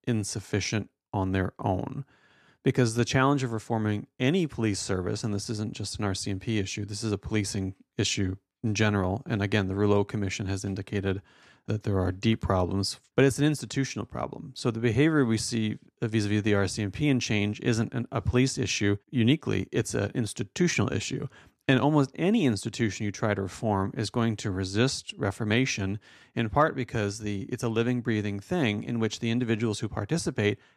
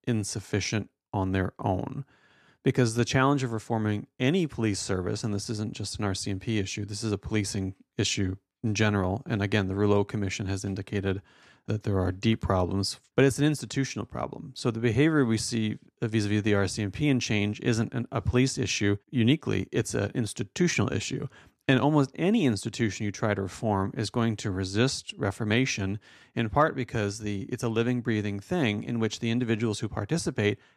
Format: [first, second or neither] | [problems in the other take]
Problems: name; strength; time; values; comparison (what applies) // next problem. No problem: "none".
neither | none